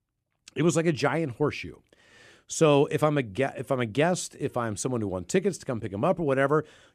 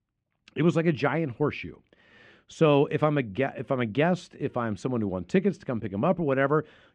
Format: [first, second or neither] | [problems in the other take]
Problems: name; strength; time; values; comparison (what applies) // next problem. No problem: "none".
first | muffled; slightly; fading above 3 kHz